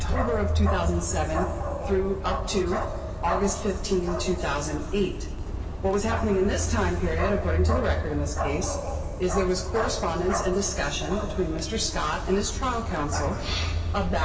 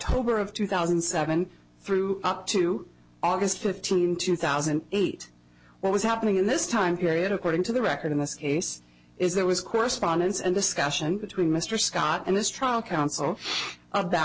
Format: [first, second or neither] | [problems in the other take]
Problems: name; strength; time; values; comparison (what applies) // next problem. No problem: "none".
second | background sound (Bark); 1 dB below the speech // room echo; dies away in 2.3 s